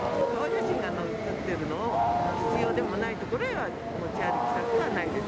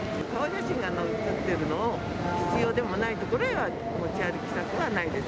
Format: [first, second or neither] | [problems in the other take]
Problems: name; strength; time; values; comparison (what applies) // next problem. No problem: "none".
second | background sound (Wild animals); as loud as the speech